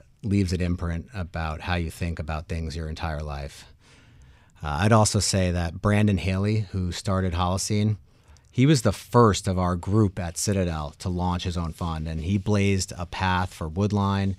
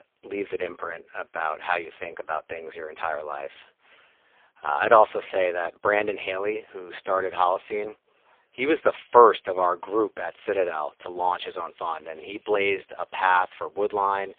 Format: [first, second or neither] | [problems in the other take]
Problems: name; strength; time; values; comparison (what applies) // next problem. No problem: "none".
first | phone-call audio; poor line